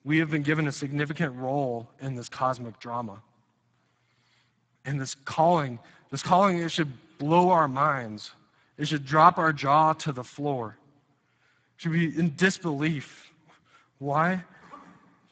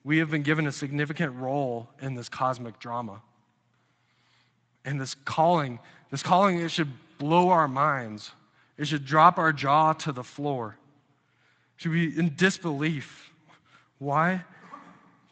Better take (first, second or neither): second